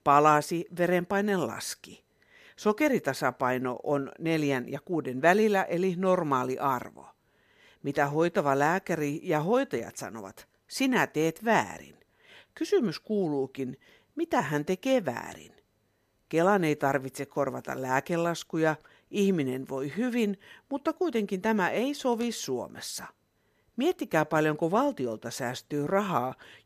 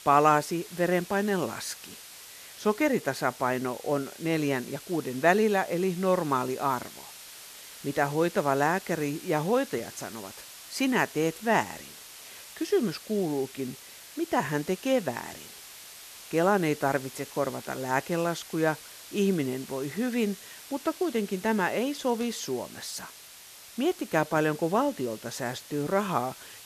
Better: first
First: none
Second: hiss; noticeable; throughout; 15 dB below the speech

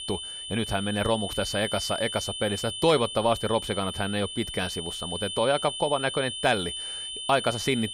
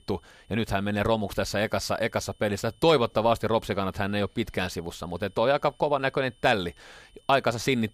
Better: second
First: high-pitched whine; loud; throughout; 3 kHz, 5 dB below the speech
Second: high-pitched whine; faint; throughout; 3 kHz, 35 dB below the speech

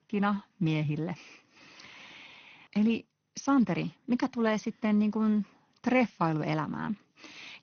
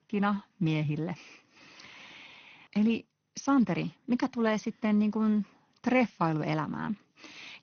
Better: neither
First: garbled, watery; slightly; nothing above 6.5 kHz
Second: garbled, watery; slightly; nothing above 6.5 kHz

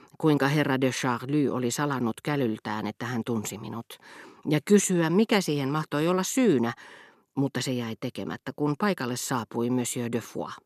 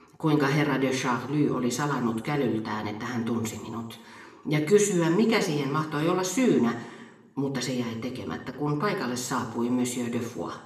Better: first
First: none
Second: room echo; slight; dies away in 0.8 s // off-mic speech; somewhat distant

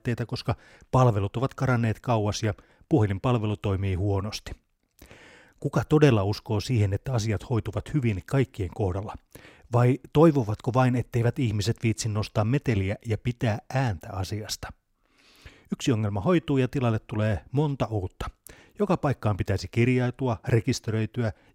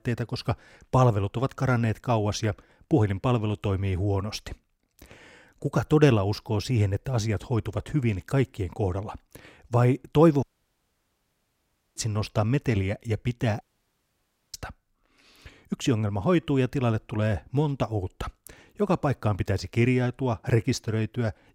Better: first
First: none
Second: audio cutting out; at 10 s for 1.5 s and at 14 s for 1 s

